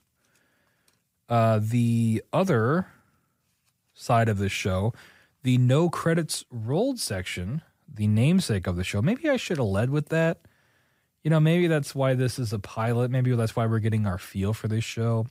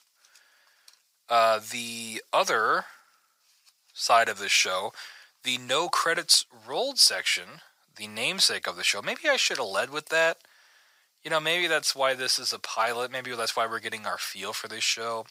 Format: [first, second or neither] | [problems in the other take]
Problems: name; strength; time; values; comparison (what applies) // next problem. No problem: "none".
first | thin; very; fading below 900 Hz